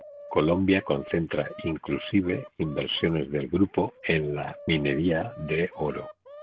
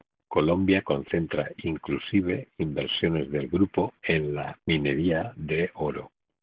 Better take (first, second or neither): second